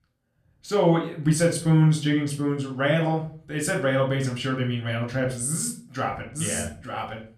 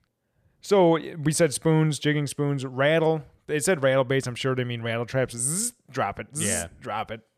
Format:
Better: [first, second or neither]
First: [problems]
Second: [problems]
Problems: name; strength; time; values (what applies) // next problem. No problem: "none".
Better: second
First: off-mic speech; somewhat distant // room echo; slight; dies away in 0.4 s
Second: none